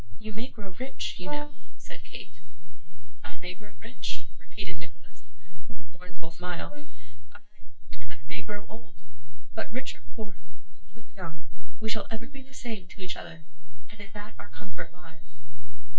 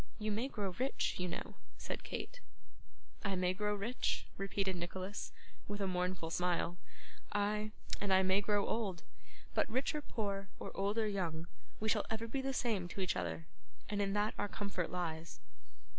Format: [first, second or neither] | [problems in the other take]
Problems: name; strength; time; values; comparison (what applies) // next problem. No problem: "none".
second | noise reduction (neural mask model DeepFilterNet 3)